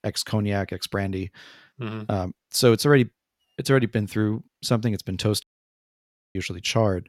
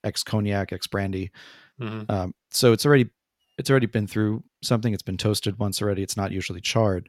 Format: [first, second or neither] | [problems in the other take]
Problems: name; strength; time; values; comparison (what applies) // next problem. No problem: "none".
second | audio cutting out; at 5.5 s for 1 s